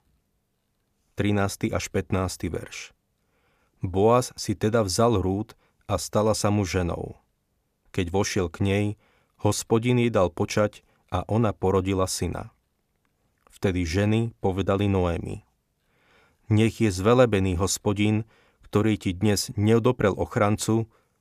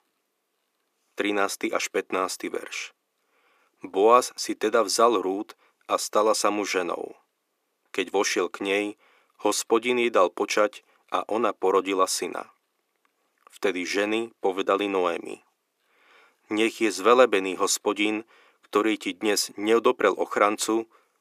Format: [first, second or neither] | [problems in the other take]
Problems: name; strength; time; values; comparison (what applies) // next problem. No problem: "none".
first | thin; somewhat; fading below 300 Hz